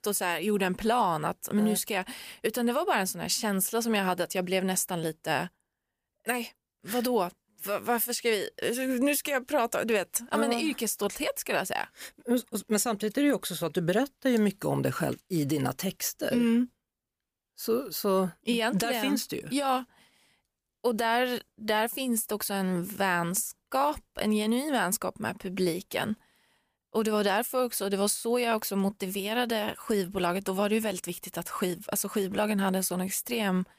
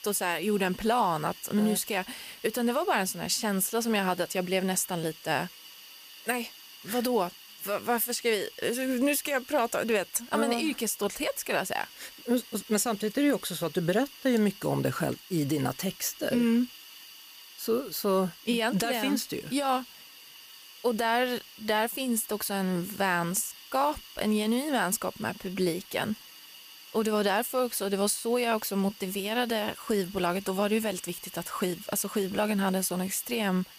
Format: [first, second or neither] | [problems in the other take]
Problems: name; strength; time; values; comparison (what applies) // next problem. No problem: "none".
first | hiss; noticeable; throughout; 20 dB below the speech